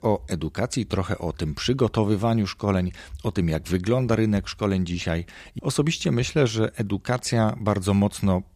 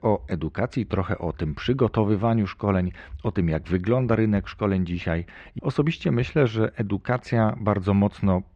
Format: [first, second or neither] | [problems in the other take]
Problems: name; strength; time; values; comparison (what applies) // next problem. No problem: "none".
first | muffled; very; fading above 2 kHz